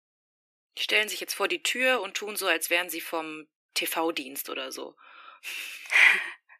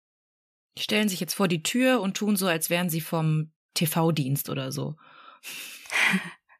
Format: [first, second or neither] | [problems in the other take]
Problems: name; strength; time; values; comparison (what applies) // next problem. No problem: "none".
second | thin; very; fading below 300 Hz